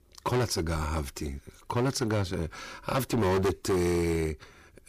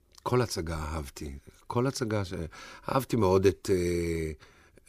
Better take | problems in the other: second | distortion; heavy; 11% of the sound clipped

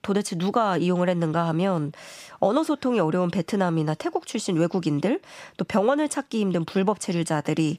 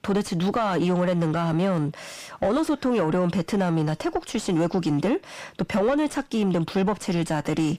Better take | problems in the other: first | distortion; slight; 9 dB below the speech

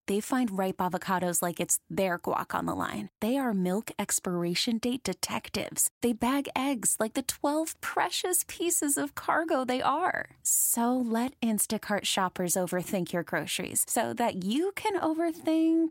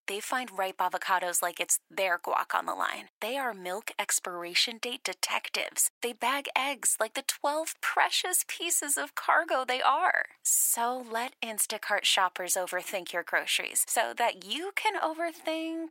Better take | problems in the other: first | thin; very; fading below 650 Hz

